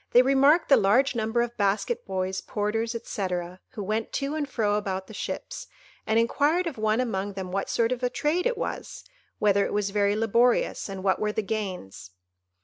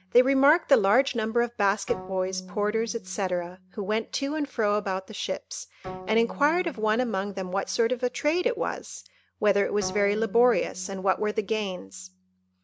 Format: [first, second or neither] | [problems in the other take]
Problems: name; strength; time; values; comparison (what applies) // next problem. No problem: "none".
first | background sound (Bowed string instrument); 19 dB below the speech